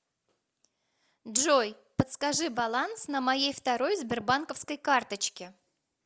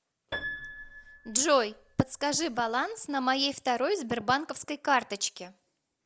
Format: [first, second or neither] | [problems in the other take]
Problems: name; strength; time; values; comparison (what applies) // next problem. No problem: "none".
first | background sound (Piano); 13 dB below the speech